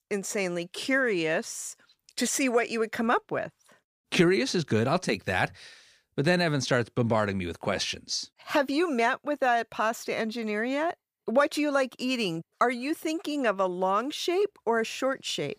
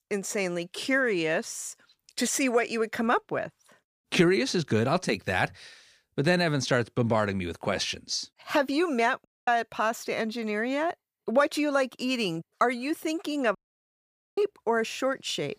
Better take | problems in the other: first | audio cutting out; at 9.5 s and at 14 s for 1 s

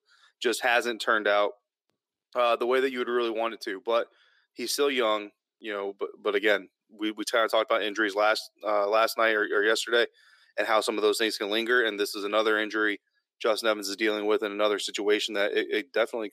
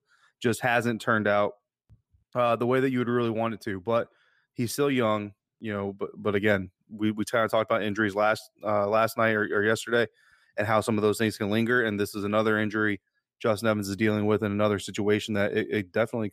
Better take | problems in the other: second | thin; somewhat; fading below 350 Hz

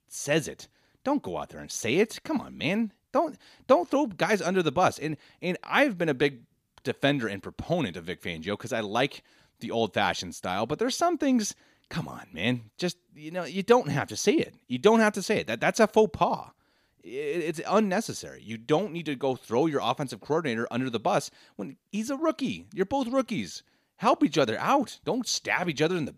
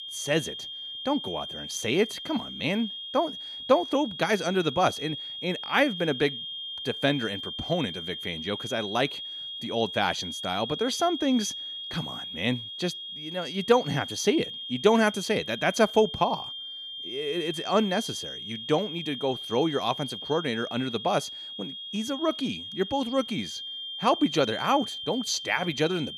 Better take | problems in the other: first | high-pitched whine; loud; throughout; 3.5 kHz, 7 dB below the speech

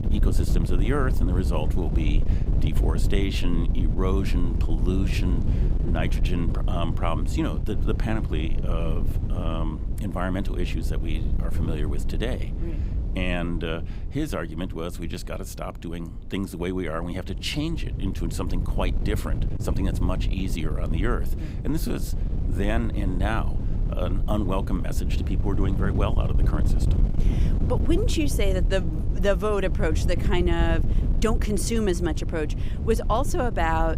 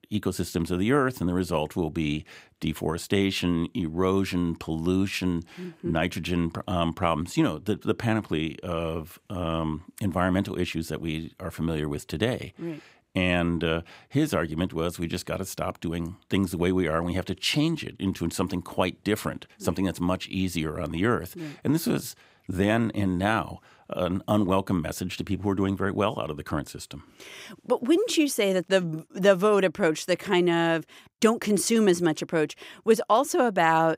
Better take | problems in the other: second | wind noise on the microphone; heavy; 9 dB below the speech

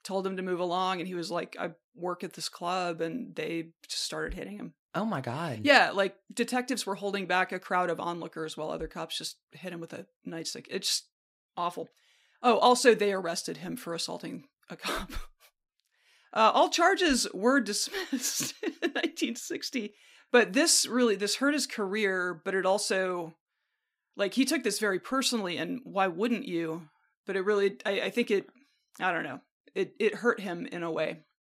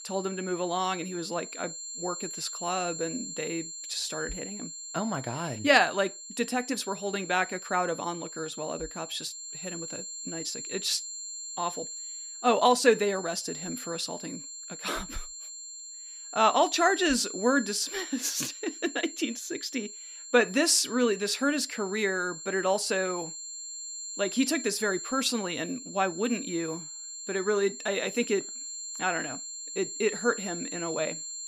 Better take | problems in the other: first | high-pitched whine; loud; throughout; 7.5 kHz, 9 dB below the speech

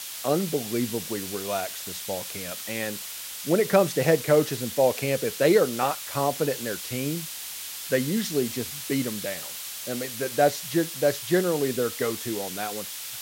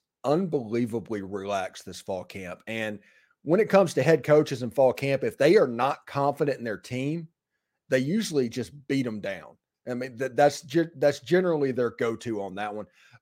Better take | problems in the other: second | hiss; loud; throughout; 7 dB below the speech

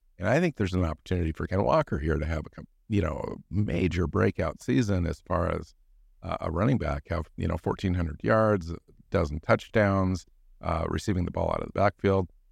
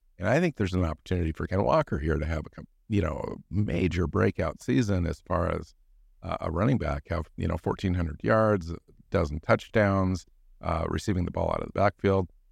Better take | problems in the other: neither | none

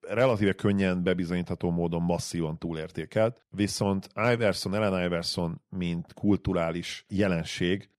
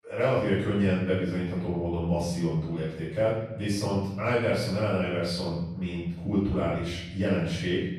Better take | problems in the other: first | off-mic speech; far // room echo; noticeable; dies away in 1.1 s

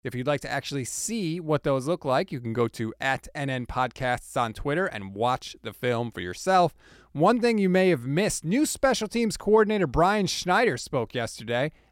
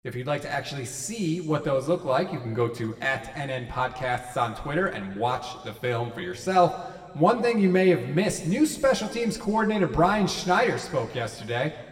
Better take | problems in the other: first | room echo; slight; dies away in 1.4 s

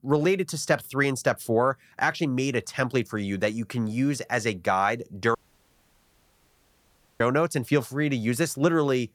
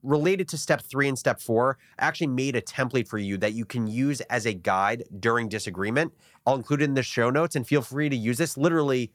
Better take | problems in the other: second | audio cutting out; at 5.5 s for 2 s

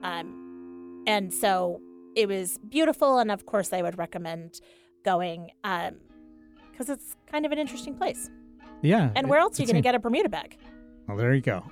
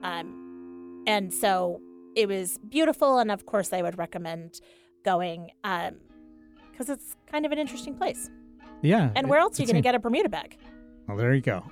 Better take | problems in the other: neither | background music; faint; throughout; 20 dB below the speech; the same in both

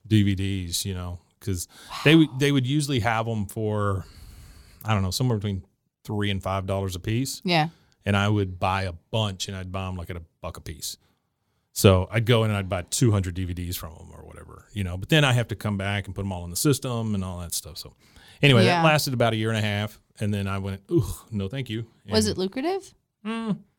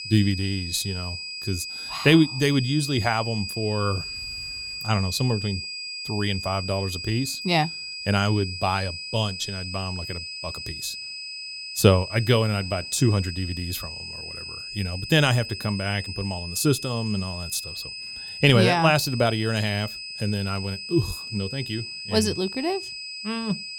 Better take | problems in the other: first | high-pitched whine; loud; throughout; 5 kHz, 8 dB below the speech

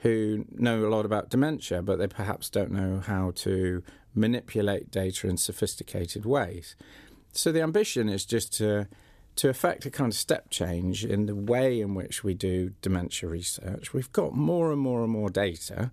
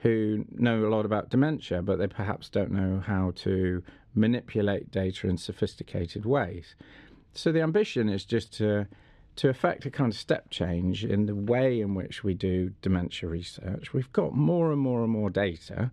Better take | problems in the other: first | muffled; slightly; fading above 3 kHz

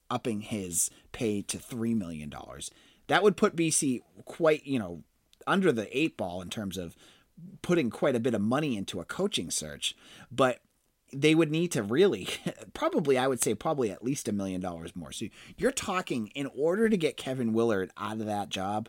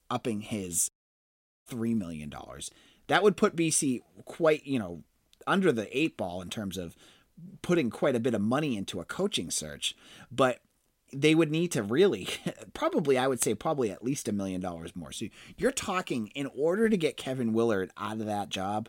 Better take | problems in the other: first | audio cutting out; at 1 s for 1 s

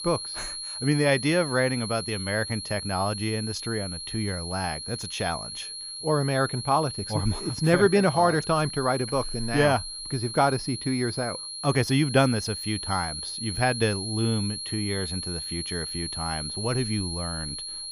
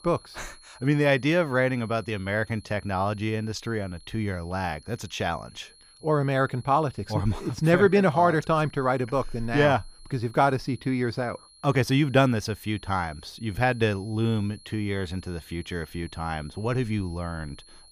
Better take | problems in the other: second | high-pitched whine; loud; throughout; 4.5 kHz, 6 dB below the speech; faint in the second

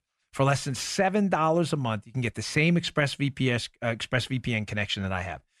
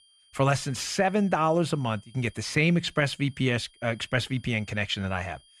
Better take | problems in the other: first | high-pitched whine; faint; throughout; 3 kHz, 30 dB below the speech

